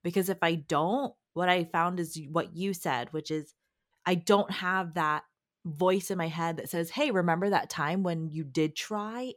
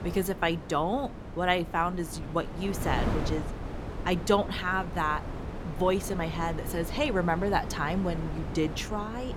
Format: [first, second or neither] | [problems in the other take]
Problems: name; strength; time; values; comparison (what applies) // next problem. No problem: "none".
first | wind noise on the microphone; occasional gusts; 10 dB below the speech